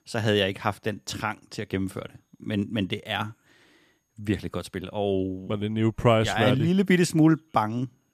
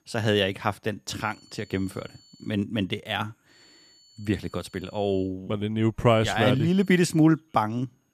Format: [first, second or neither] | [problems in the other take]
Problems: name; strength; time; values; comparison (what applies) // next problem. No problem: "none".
first | high-pitched whine; faint; from 1 to 2.5 s, from 3.5 to 5.5 s and from 6 to 7 s; 4.5 kHz, 30 dB below the speech